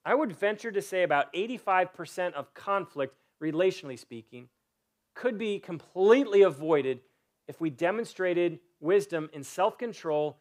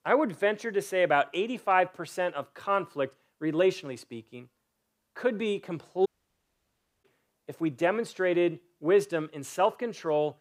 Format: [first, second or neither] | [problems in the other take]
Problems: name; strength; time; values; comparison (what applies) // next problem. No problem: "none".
first | audio cutting out; at 6 s for 1 s